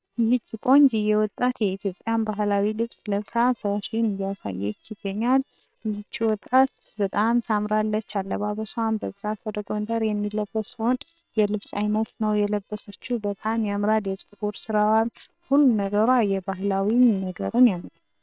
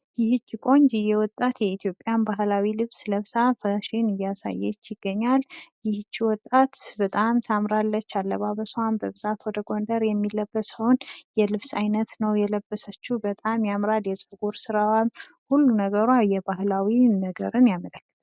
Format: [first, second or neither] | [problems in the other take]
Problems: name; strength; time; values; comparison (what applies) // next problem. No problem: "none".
second | noise reduction (neural separator model SepFormer WHAM!)